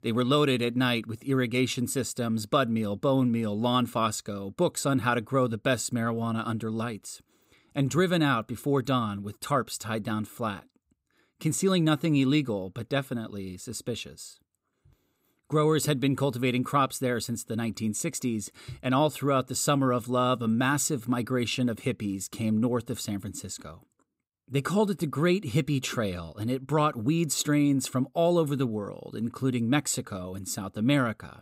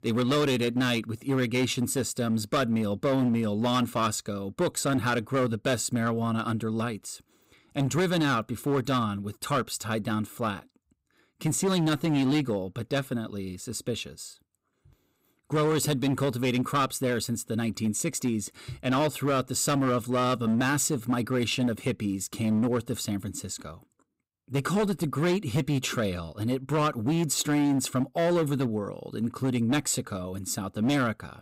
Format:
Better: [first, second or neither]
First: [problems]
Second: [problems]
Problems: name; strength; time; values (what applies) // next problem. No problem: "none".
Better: first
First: none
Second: distortion; slight; 9% of the sound clipped